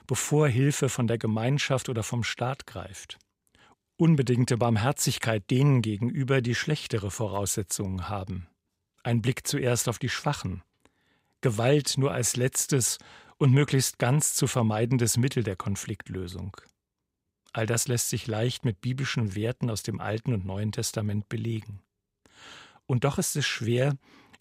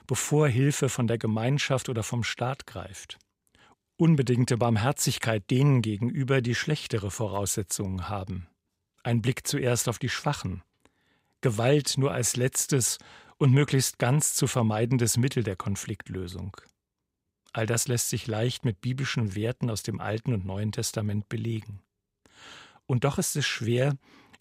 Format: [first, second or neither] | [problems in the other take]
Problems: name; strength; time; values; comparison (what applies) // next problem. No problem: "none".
neither | none